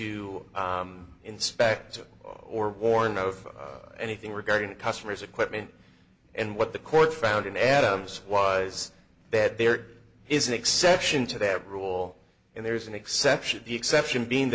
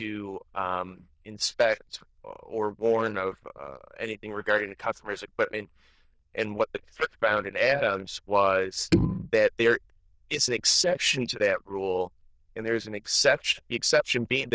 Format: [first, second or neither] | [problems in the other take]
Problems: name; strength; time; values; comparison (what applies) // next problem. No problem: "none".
first | noise reduction (neural diffusion model UNIVERSE++)